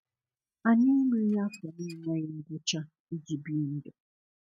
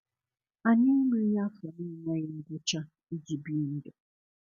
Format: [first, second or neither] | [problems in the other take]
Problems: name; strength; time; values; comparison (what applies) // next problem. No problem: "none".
second | noise reduction (neural mask model RNNoise)